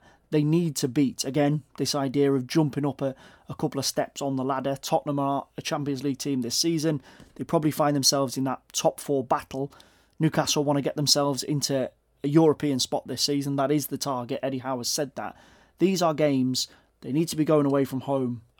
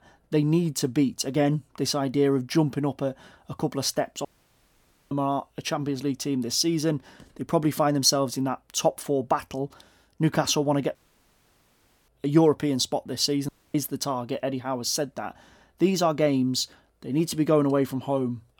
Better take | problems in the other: first | audio cutting out; at 4.5 s for 1 s, at 11 s for 1 s and at 13 s

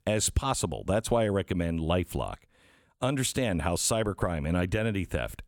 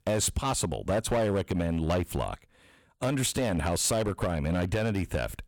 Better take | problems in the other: first | distortion; slight; 11% of the sound clipped

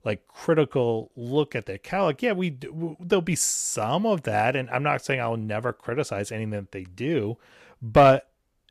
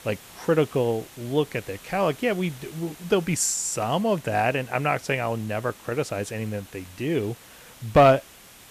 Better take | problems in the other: first | hiss; faint; throughout; 20 dB below the speech

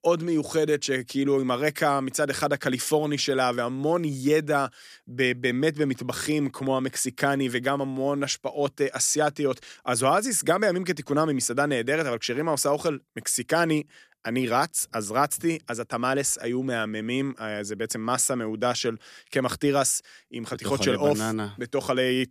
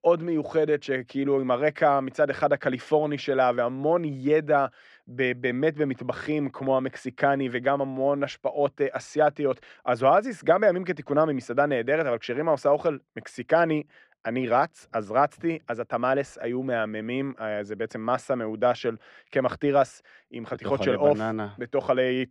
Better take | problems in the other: first | muffled; very; fading above 2 kHz

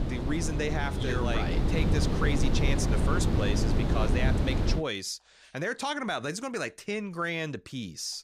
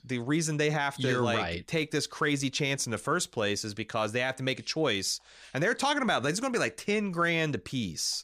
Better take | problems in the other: second | wind noise on the microphone; heavy; until 5 s; 3 dB below the speech

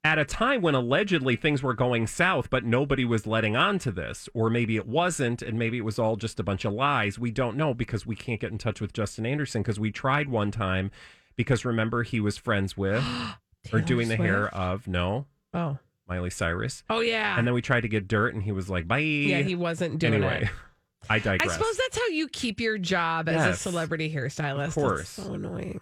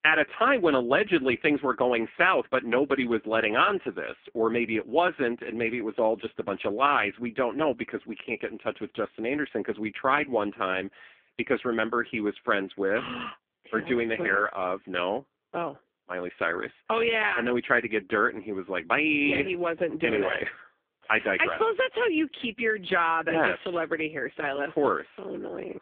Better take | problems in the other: first | phone-call audio; poor line

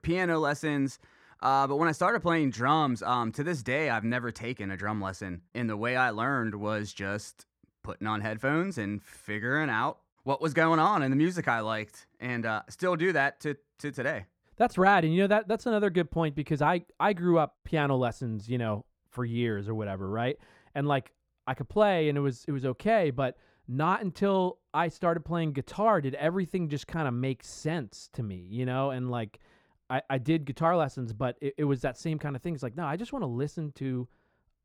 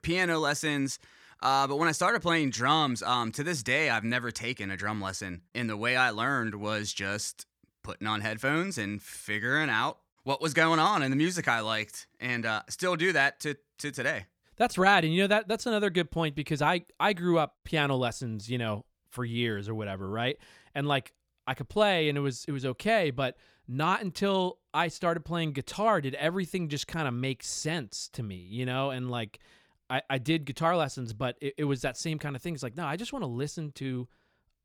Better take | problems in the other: second | muffled; slightly; fading above 2 kHz

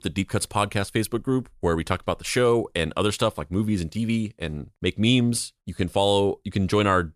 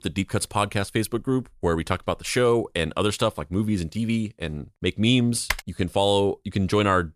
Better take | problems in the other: first | keyboard typing; noticeable; at 5.5 s; peak 5 dB below the speech

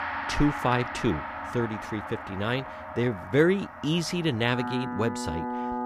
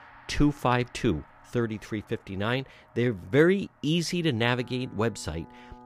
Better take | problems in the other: second | background music; loud; throughout; 7 dB below the speech; faint in the second

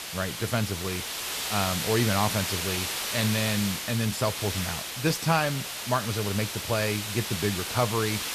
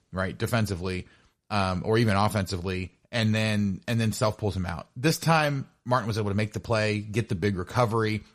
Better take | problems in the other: second | hiss; loud; throughout; 2 dB below the speech

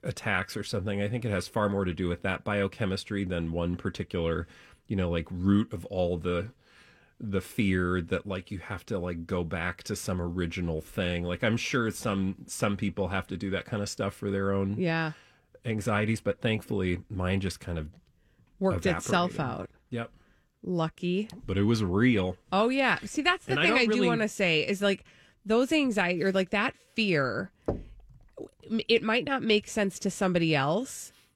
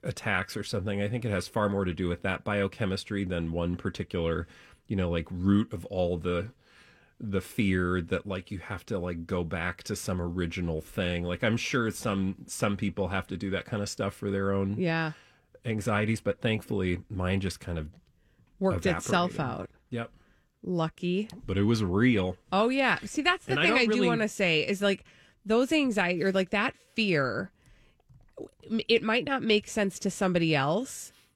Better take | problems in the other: second | door banging; noticeable; at 28 s; peak 7 dB below the speech

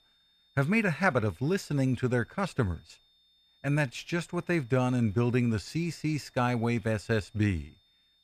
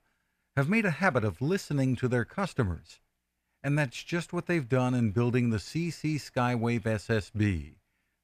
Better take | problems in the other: second | high-pitched whine; faint; throughout; 3.5 kHz, 35 dB below the speech

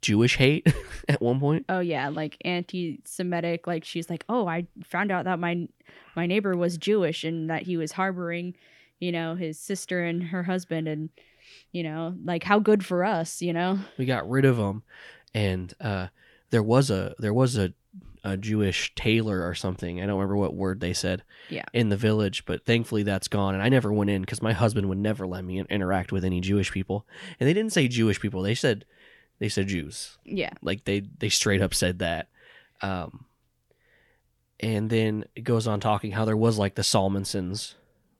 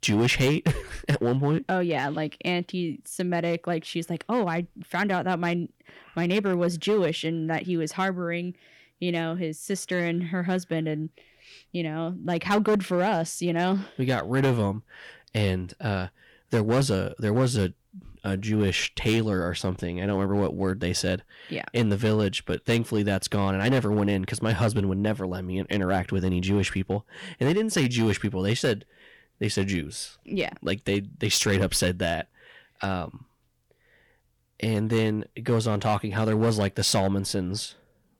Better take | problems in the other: first | distortion; slight; 5% of the sound clipped

